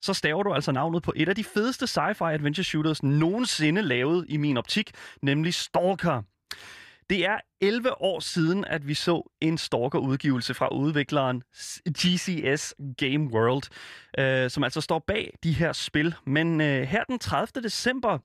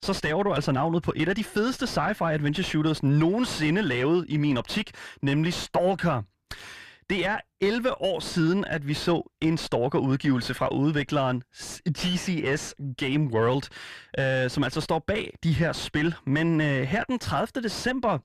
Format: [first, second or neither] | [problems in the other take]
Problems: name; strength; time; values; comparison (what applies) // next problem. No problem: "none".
first | distortion; slight; 9 dB below the speech